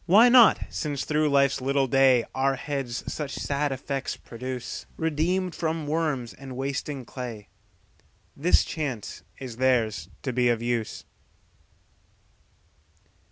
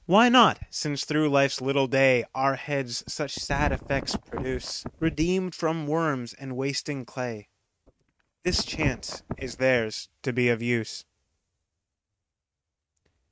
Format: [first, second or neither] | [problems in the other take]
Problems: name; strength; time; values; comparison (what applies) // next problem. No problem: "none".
first | noise reduction (neural mask model RNNoise)